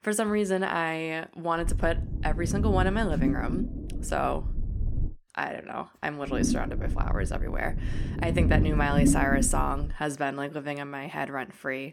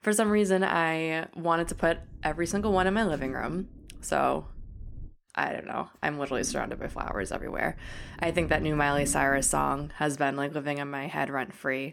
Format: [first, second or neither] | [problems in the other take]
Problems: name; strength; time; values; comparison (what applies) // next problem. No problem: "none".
second | low rumble; loud; from 1.5 to 5 s and from 6.5 to 10 s; 7 dB below the speech; faint in the second